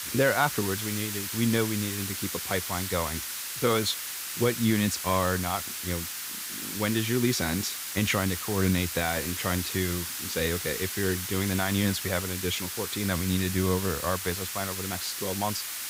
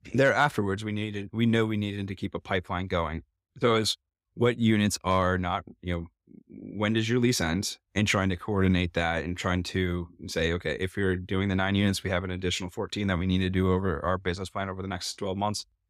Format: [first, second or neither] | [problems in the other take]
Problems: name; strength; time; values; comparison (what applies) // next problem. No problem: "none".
second | hiss; loud; throughout; 3 dB below the speech